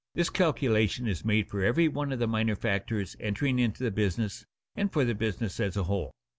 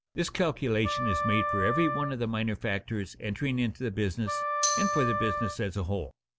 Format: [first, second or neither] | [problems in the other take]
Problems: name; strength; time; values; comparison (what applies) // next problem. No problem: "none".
first | background sound (Tambourine + Wind instrument, woodwind instrument); 2 dB below the speech